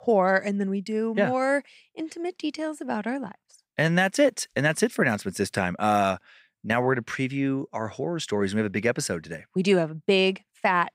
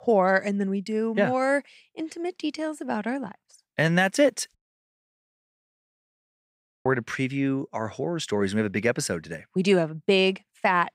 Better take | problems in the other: first | audio cutting out; at 4.5 s for 2.5 s

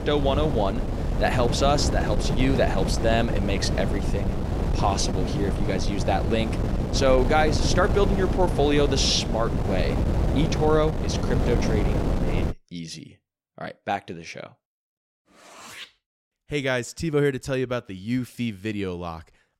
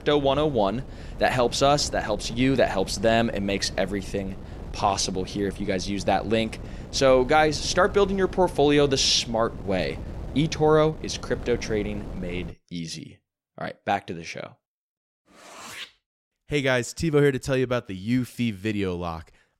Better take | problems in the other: second | wind noise on the microphone; heavy; until 13 s; 6 dB below the speech; occasional gusts in the second

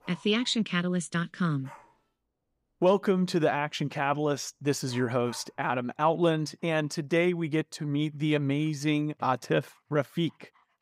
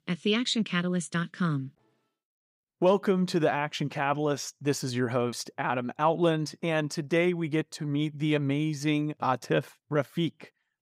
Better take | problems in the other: second | animal sounds; faint; throughout; 25 dB below the speech

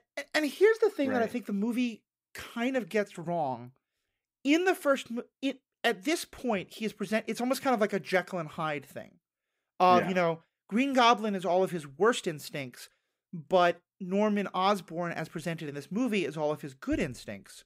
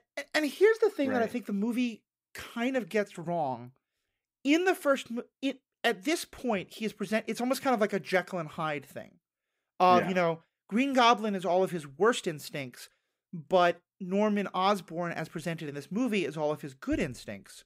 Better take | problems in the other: neither | none

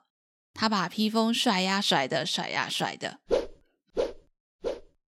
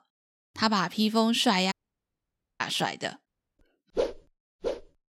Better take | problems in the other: first | audio cutting out; at 1.5 s for 1 s and at 3.5 s

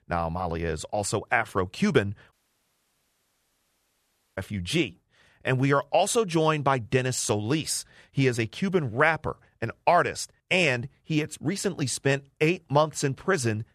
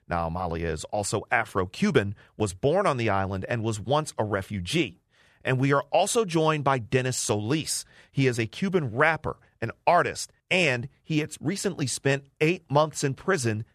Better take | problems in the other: second | audio cutting out; at 2.5 s for 2 s

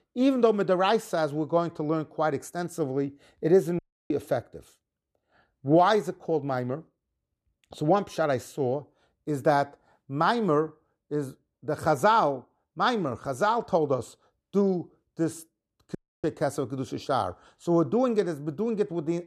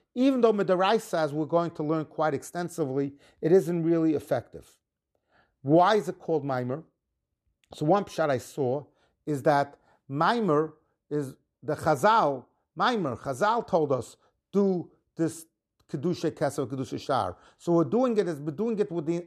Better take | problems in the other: second | audio cutting out; at 4 s and at 16 s

